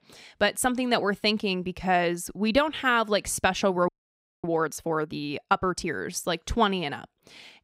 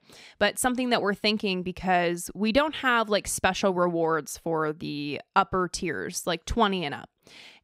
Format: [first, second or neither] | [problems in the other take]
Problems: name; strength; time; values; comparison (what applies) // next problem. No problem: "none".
second | audio freezing; at 4 s for 0.5 s